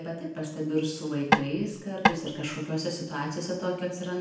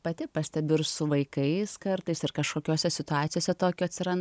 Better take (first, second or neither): second